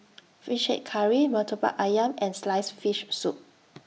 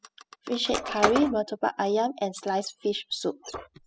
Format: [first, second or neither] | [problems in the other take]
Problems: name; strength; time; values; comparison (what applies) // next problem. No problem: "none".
first | noise reduction (classical method spectral subtraction)